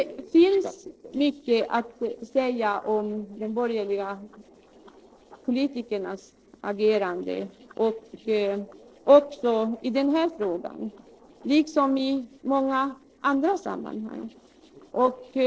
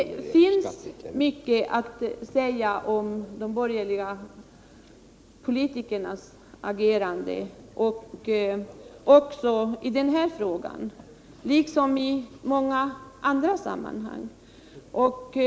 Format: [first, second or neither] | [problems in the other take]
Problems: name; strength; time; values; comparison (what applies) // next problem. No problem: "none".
second | noise reduction (neural separator model SepFormer DNS4)